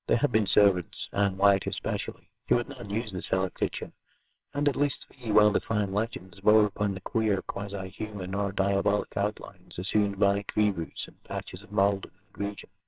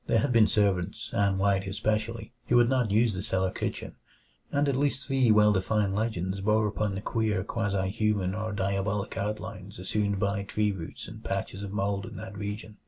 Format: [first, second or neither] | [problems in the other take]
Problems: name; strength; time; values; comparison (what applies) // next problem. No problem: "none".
second | noise reduction (neural separator model SepFormer WHAMR!)